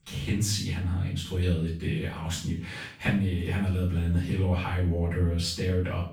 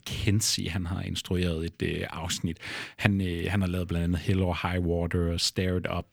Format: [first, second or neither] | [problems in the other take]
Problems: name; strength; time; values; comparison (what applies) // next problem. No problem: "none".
second | room echo; noticeable; dies away in 0.4 s // off-mic speech; far